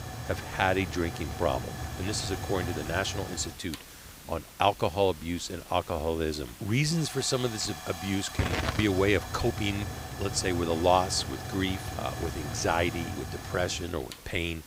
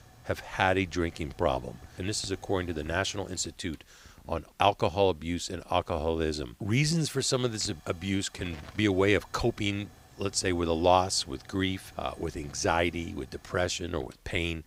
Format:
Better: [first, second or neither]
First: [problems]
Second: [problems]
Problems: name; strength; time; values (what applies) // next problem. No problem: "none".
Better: second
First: hiss; loud; throughout; 8 dB below the speech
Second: hiss; faint; throughout; 25 dB below the speech